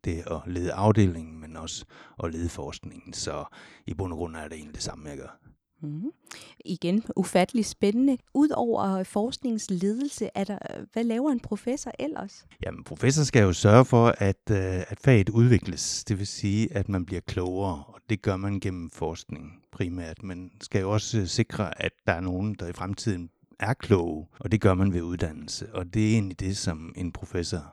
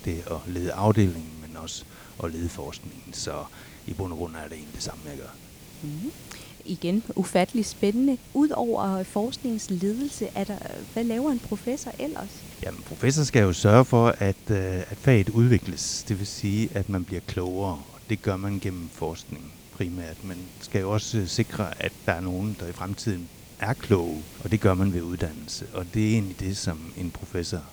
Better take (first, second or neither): first